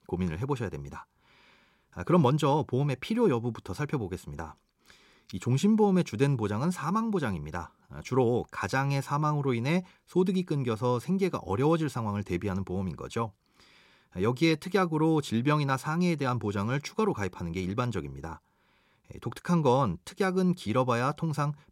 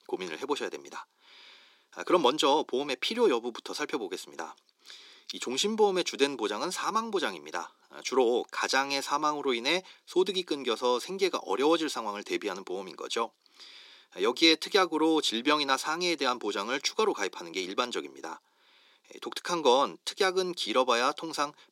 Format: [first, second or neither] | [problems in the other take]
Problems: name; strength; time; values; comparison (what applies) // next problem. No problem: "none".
first | thin; somewhat; fading below 300 Hz